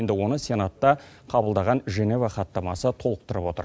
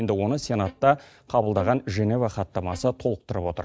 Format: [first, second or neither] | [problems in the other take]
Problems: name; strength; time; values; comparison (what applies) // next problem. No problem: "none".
first | noise reduction (neural mask model DeepFilterNet 3)